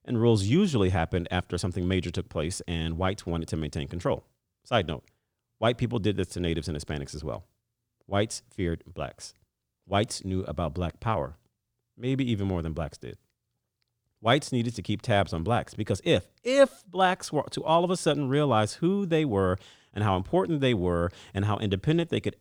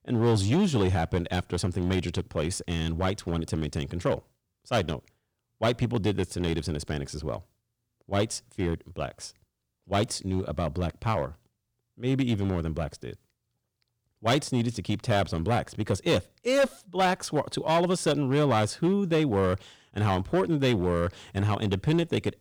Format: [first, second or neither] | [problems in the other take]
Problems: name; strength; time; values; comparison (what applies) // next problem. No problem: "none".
first | distortion; slight; 5% of the sound clipped